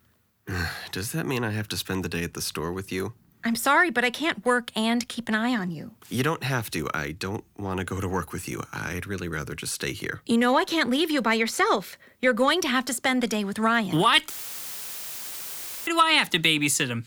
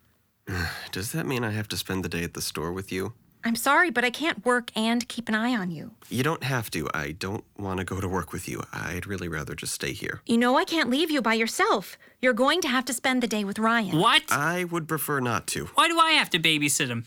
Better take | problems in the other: second | audio cutting out; filled with static; at 14 s for 1.5 s

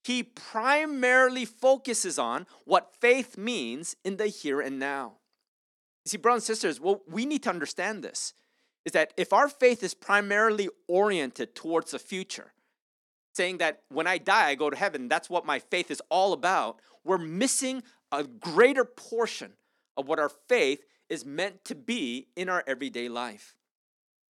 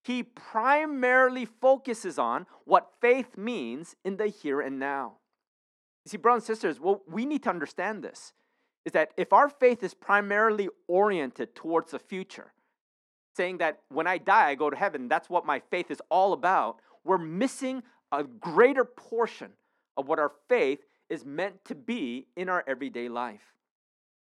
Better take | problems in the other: first | muffled; slightly; fading above 3 kHz

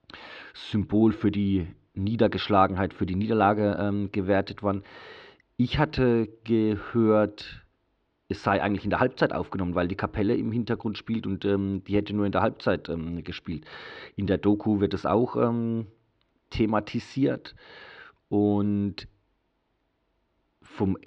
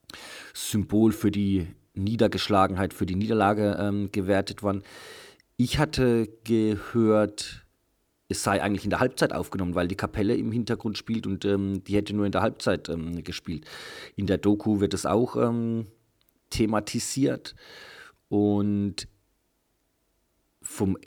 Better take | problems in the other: second | muffled; slightly; fading above 4 kHz

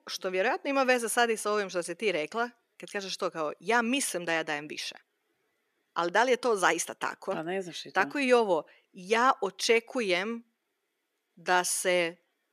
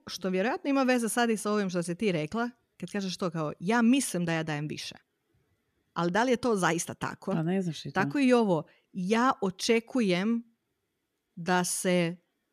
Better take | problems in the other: second | thin; somewhat; fading below 450 Hz

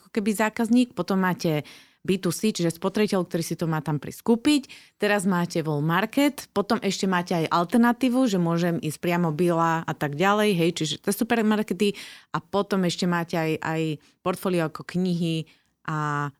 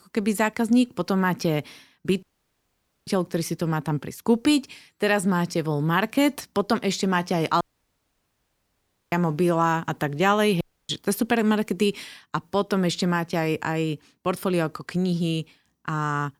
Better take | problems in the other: first | audio cutting out; at 2 s for 1 s, at 7.5 s for 1.5 s and at 11 s

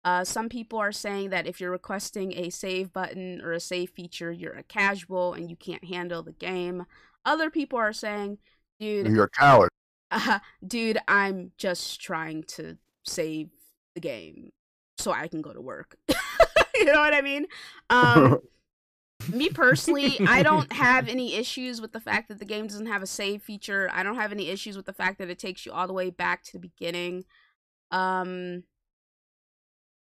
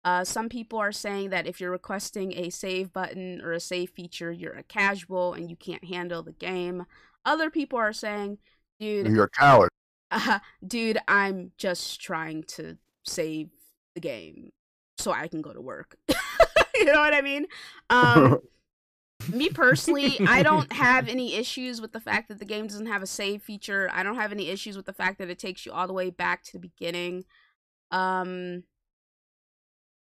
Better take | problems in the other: neither | distortion; slight; 10 dB below the speech; the same in both

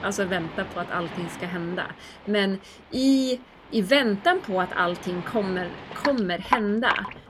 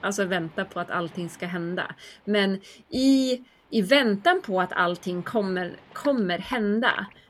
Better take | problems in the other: second | rain or running water; loud; throughout; 8 dB below the speech; faint in the second

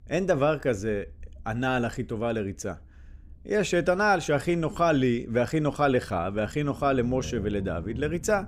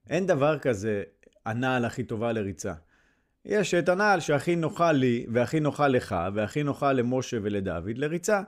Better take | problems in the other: second | low rumble; faint; throughout; 25 dB below the speech

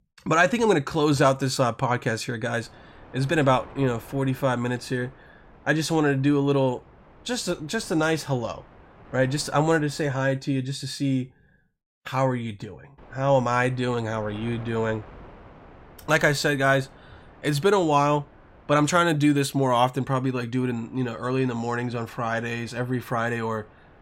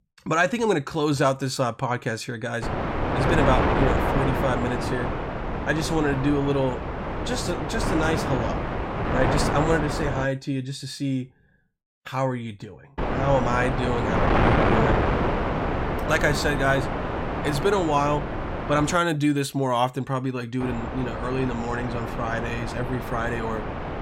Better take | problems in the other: first | wind noise on the microphone; heavy; from 2.5 to 10 s, from 13 to 19 s and from 21 s on; 1 dB below the speech; occasional gusts in the first

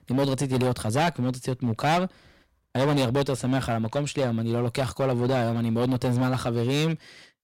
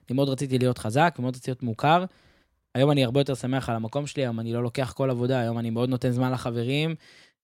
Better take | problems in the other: second | distortion; heavy; 13% of the sound clipped

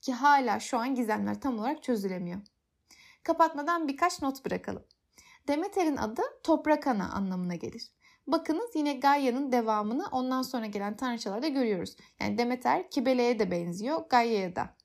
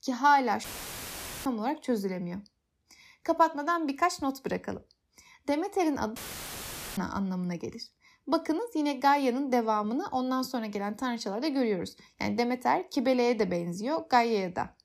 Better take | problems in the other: first | audio cutting out; filled with static; at 0.5 s for 1 s and at 6 s for 1 s

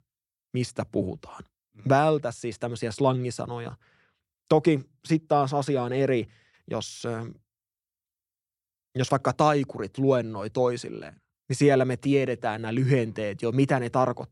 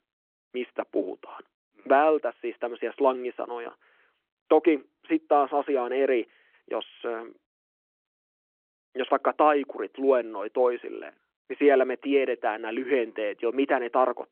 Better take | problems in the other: first | phone-call audio

